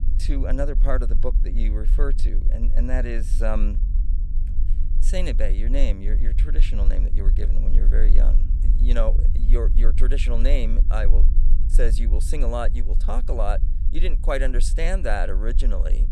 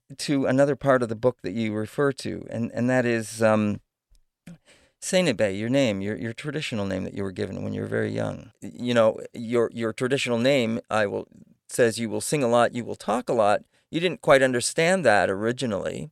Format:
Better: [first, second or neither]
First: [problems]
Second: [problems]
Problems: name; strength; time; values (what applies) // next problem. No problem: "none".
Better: second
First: low rumble; noticeable; throughout; 15 dB below the speech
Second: none